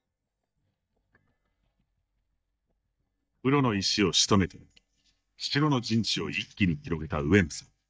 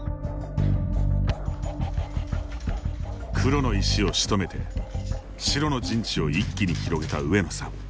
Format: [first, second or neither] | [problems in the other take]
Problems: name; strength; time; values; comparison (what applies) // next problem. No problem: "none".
second | noise reduction (neural mask model DeepFilterNet 3)